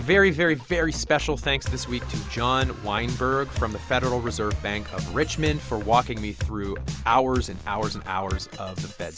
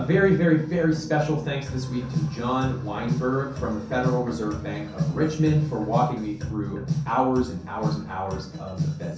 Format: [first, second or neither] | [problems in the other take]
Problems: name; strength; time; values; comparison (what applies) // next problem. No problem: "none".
first | room echo; dies away in 0.6 s